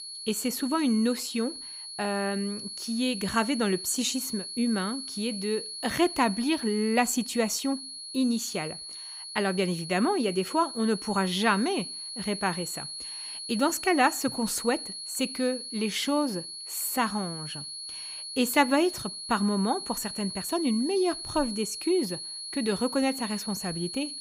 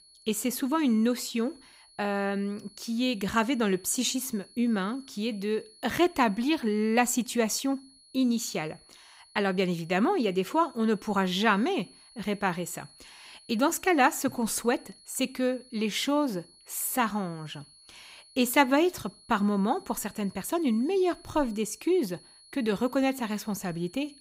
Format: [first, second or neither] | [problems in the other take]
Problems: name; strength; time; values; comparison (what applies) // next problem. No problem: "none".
second | high-pitched whine; loud; throughout; 4.5 kHz, 8 dB below the speech; faint in the second